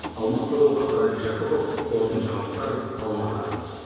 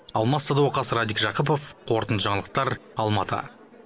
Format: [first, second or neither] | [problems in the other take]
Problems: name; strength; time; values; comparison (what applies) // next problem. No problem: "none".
second | background sound (Mechanisms); 15 dB below the speech // room echo; dies away in 2.2 s